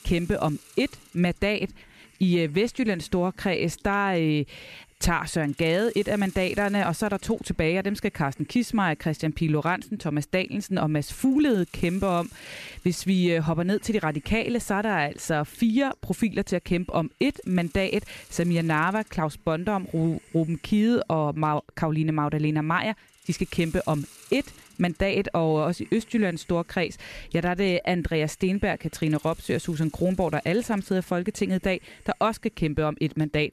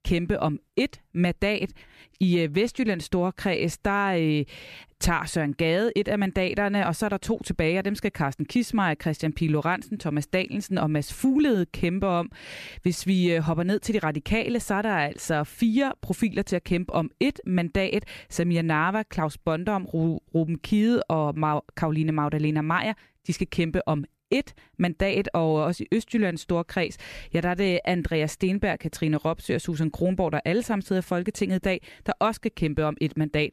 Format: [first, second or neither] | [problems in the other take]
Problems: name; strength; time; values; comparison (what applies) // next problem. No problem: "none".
second | hiss; faint; throughout; 25 dB below the speech